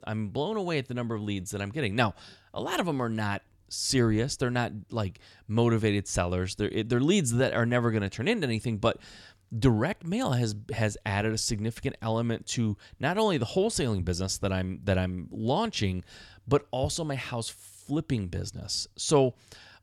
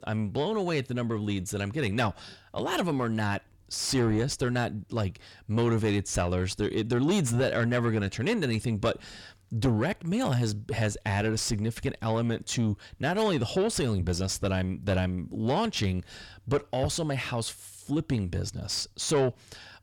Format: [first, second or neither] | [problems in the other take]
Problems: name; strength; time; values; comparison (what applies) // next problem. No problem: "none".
first | distortion; slight; 10 dB below the speech